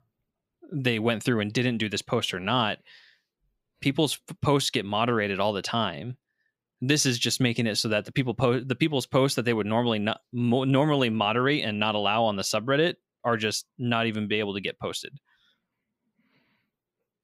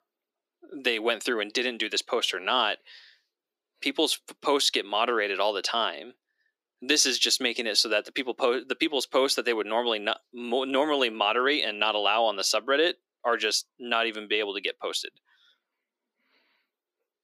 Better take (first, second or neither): first